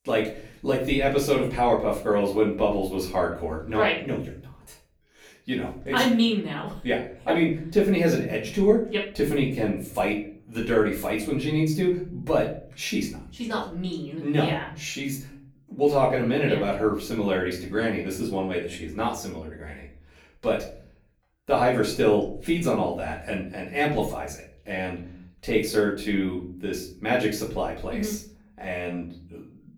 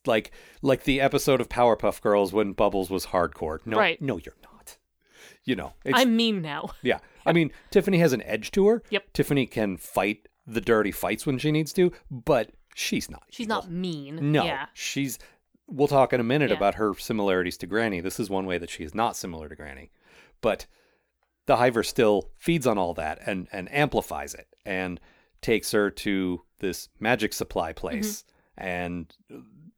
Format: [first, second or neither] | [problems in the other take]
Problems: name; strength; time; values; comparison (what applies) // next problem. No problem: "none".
second | off-mic speech; far // room echo; slight; dies away in 0.6 s